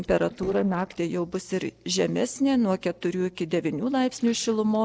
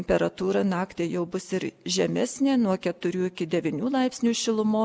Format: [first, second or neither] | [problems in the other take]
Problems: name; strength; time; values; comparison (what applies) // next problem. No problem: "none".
second | noise reduction (neural separator model SepFormer DNS4)